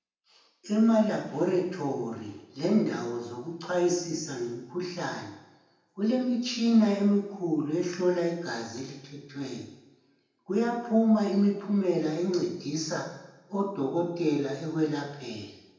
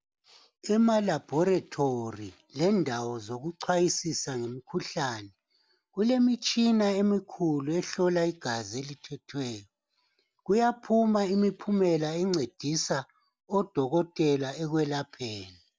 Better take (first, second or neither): second